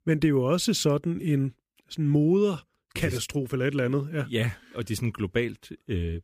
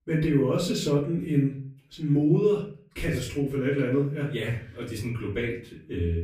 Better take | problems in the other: first | off-mic speech; far // room echo; slight; dies away in 0.5 s

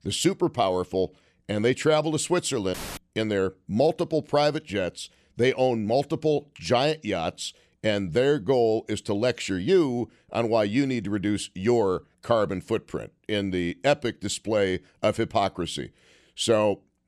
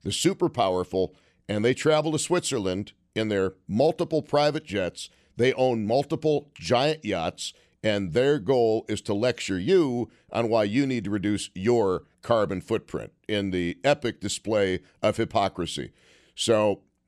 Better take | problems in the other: second | audio cutting out; filled with static; at 2.5 s

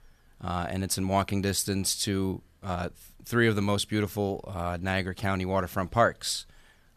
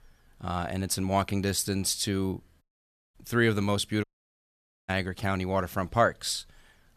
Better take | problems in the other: first | audio cutting out; at 2.5 s for 0.5 s and at 4 s for 1 s

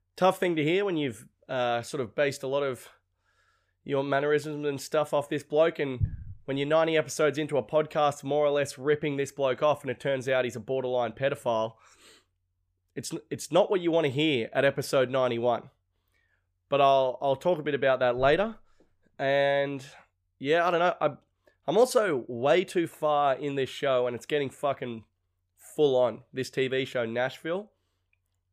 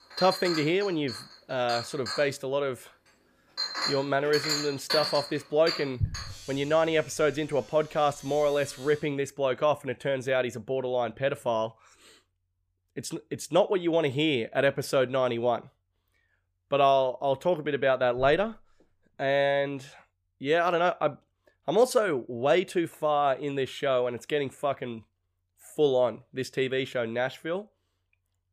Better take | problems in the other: first | household noises; loud; until 9 s; 6 dB below the speech

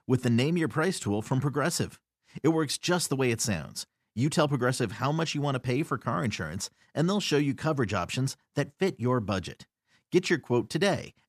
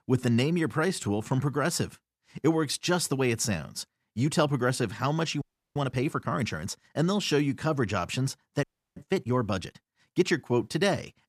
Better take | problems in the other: first | audio freezing; at 5.5 s and at 8.5 s

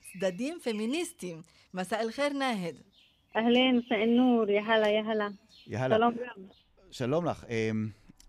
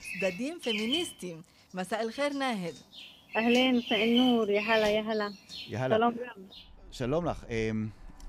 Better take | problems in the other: first | animal sounds; loud; throughout; 5 dB below the speech; faint in the first

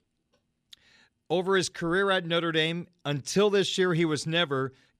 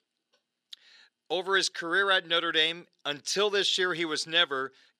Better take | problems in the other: first | thin; very; fading below 400 Hz

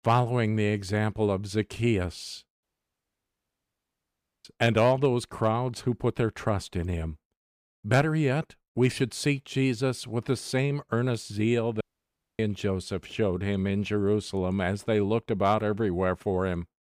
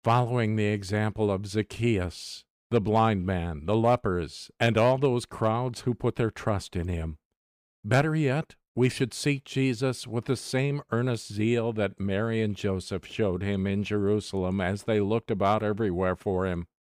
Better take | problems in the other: second | audio cutting out; at 2.5 s for 2 s and at 12 s for 0.5 s

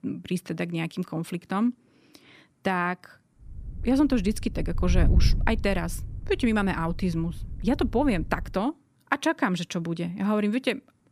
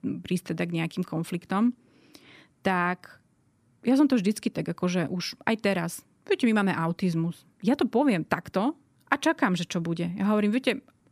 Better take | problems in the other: second | wind noise on the microphone; occasional gusts; from 3.5 to 8.5 s; 20 dB below the speech

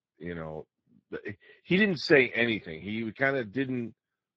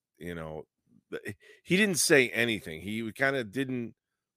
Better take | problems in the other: second | garbled, watery; badly

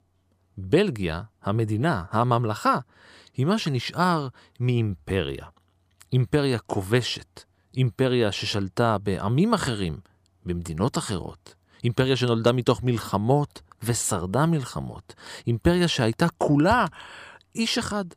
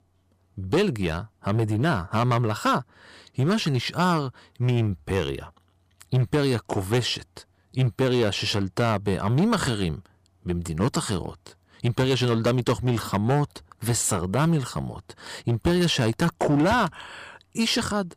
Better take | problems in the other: first | distortion; slight; 7% of the sound clipped

